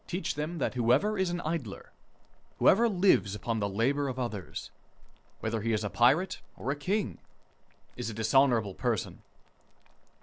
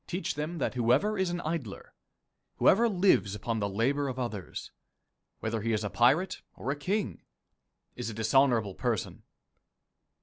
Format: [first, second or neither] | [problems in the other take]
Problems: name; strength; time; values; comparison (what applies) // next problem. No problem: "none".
second | background sound (Boiling); 19 dB below the speech